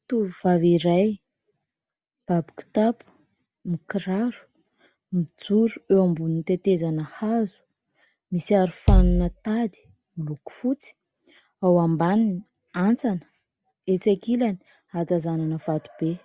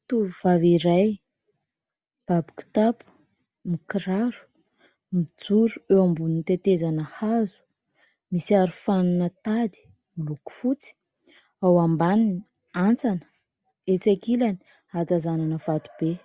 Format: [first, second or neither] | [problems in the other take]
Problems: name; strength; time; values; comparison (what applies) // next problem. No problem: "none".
second | background sound (Bass drum); 1 dB above the speech